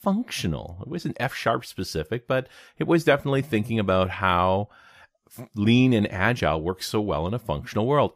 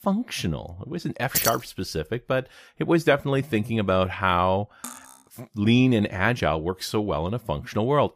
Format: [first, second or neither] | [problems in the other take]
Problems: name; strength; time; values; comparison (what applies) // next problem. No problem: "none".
first | jangling keys; loud; at 1.5 s; peak level with the speech // clattering dishes; faint; at 5 s; peak 15 dB below the speech